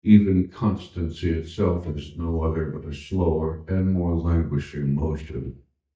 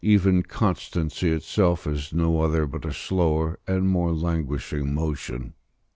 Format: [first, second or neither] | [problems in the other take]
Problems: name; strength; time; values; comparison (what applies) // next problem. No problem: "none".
second | noise reduction (neural mask model DeepFilterNet 3)